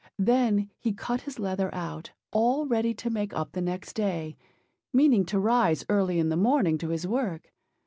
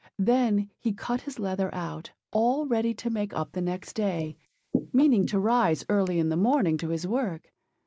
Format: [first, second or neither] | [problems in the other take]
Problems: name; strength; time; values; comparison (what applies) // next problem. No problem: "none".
first | noise reduction (neural mask model Resemble Enhance denoiser)